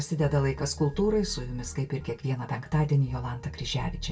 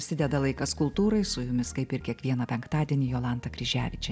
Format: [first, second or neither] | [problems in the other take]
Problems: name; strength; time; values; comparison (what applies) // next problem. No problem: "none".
second | room echo; dies away in 0.1 s